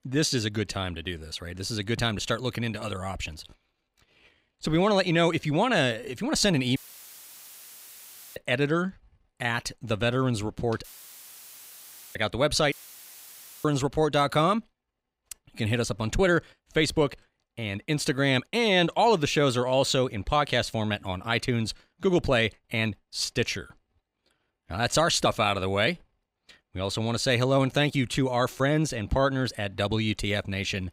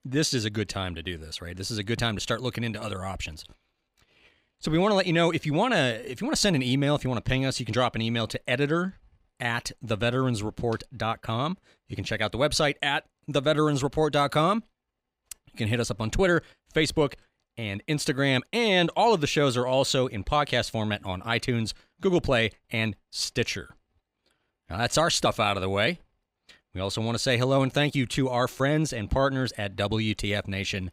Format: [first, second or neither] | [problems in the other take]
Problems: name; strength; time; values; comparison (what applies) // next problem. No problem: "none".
second | audio cutting out; filled with static; at 7 s for 1.5 s, at 11 s for 1.5 s and at 13 s for 1 s